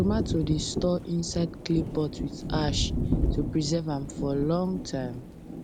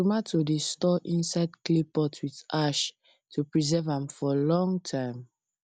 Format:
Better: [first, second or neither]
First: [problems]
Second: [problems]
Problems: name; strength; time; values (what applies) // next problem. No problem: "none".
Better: second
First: background sound (Thunder); 2 dB below the speech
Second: none